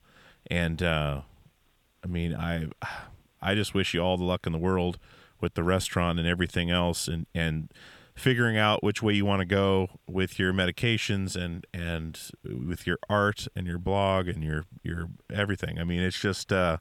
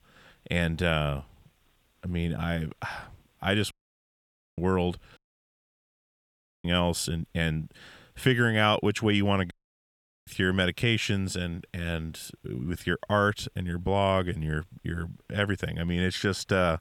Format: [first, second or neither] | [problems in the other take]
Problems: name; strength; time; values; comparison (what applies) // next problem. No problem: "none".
first | audio cutting out; at 3.5 s for 1 s, at 5 s for 1.5 s and at 9.5 s for 1 s